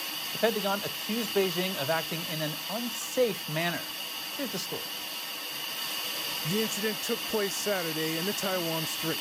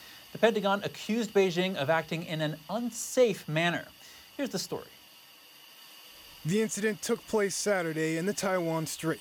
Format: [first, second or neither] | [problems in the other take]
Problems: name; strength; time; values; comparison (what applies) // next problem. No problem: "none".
second | hiss; loud; throughout; as loud as the speech; faint in the second